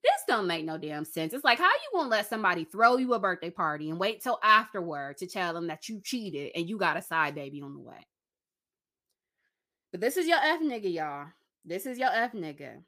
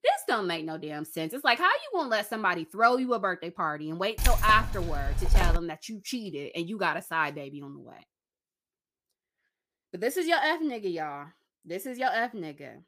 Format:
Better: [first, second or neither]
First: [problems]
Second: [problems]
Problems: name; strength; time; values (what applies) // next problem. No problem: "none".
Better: first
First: none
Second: jangling keys; loud; from 4 to 5.5 s; peak 1 dB above the speech